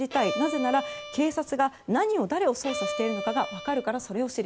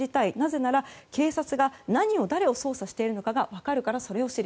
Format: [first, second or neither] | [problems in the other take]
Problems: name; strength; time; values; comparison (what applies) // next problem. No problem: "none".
second | background sound (Bowed string instrument); 8 dB below the speech